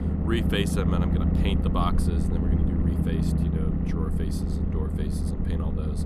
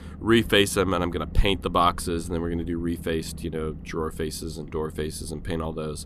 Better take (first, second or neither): second